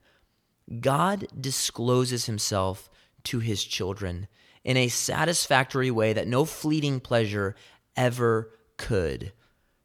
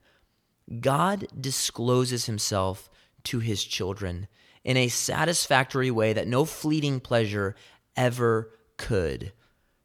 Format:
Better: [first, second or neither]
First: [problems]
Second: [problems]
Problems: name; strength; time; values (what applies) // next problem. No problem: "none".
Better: neither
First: none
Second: none